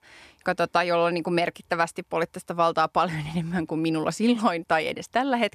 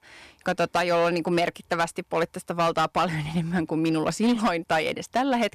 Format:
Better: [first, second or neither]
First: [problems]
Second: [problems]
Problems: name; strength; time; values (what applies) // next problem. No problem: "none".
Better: first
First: none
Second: distortion; slight; 7% of the sound clipped